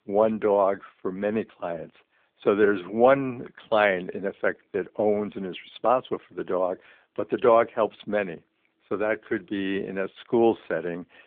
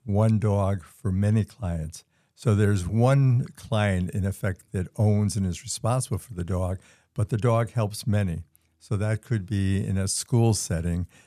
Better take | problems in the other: second | phone-call audio

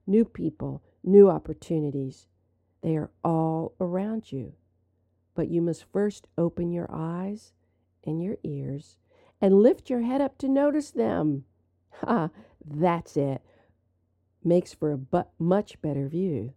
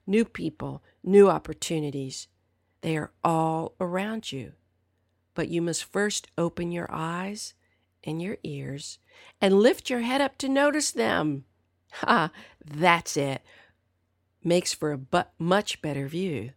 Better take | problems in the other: second | muffled; very; fading above 1 kHz

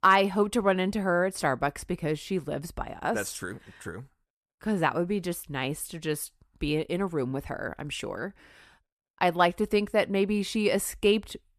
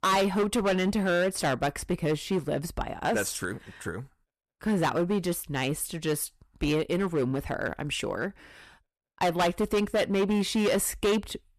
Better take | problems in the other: first | distortion; heavy; 10% of the sound clipped

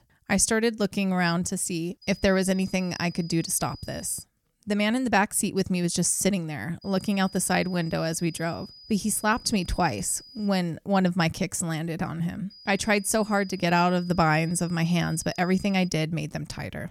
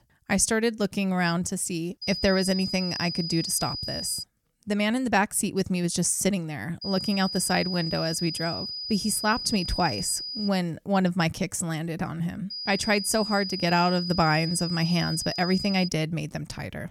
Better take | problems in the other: first | high-pitched whine; loud; from 2 to 4 s, from 7 to 10 s and from 13 to 16 s; 5 kHz, 5 dB below the speech; faint in the first

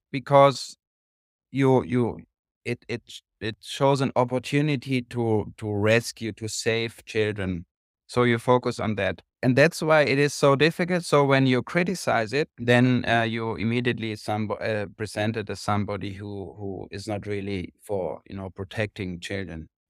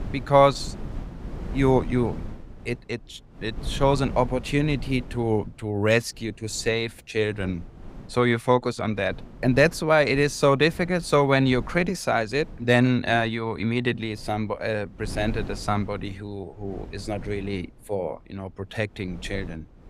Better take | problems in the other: first | wind noise on the microphone; occasional gusts; 20 dB below the speech

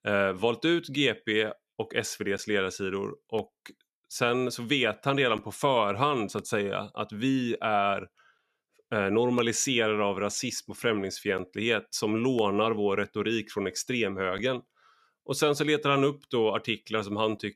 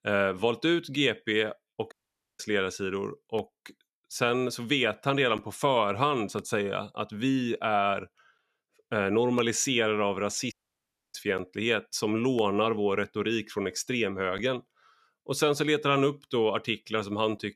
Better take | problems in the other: first | audio cutting out; at 2 s and at 11 s for 0.5 s

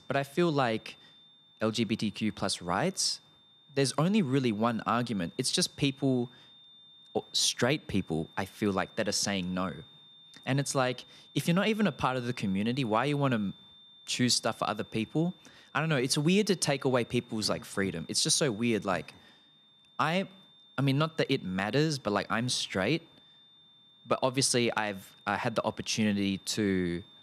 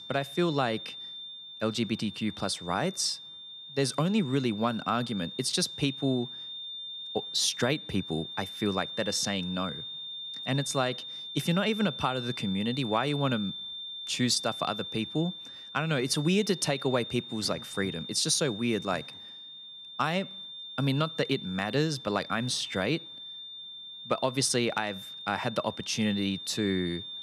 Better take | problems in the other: first | high-pitched whine; loud; throughout; 3.5 kHz, 9 dB below the speech; faint in the first

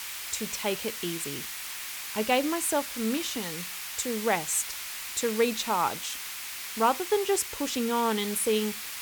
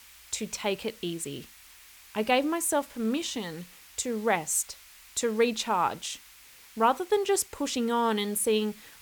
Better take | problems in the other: second | hiss; loud; throughout; 5 dB below the speech; faint in the second

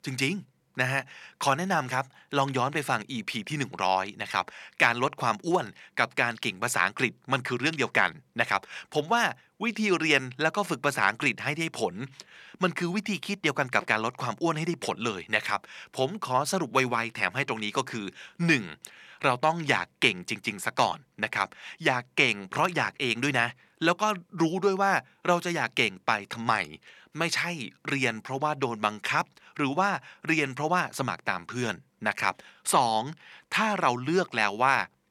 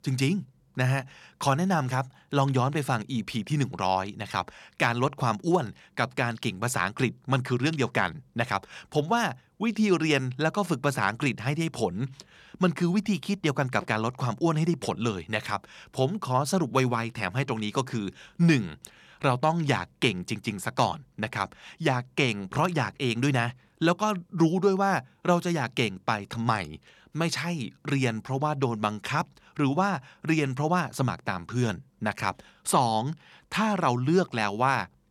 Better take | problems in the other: second | thin; very slightly; fading below 350 Hz

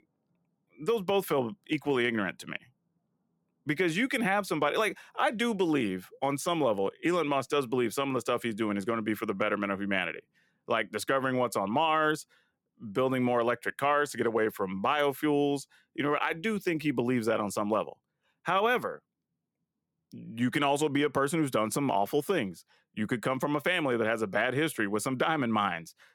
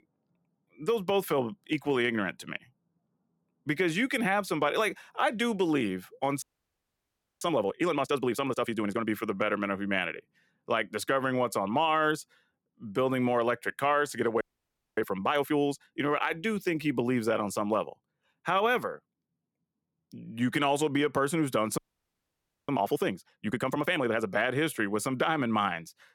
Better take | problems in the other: first | audio freezing; at 6.5 s for 1 s, at 14 s for 0.5 s and at 22 s for 1 s

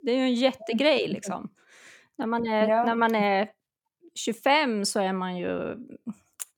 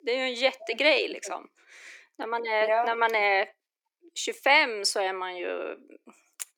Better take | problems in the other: first | thin; very; fading below 350 Hz

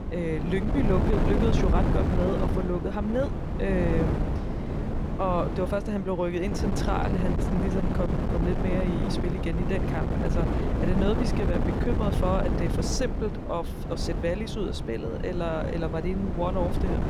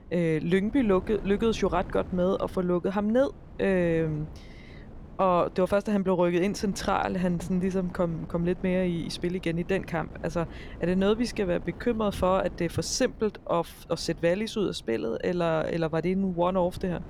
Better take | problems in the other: second | wind noise on the microphone; heavy; 2 dB below the speech; occasional gusts in the second

